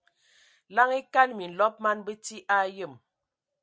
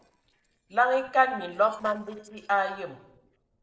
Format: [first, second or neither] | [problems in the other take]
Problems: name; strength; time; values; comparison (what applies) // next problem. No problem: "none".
first | noise reduction (neural separator model SepFormer DNS4)